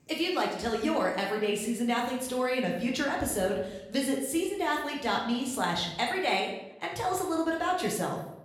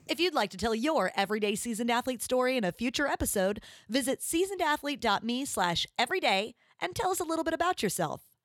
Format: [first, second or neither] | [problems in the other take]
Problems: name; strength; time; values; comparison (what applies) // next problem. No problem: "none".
second | room echo; noticeable; dies away in 0.7 s // off-mic speech; somewhat distant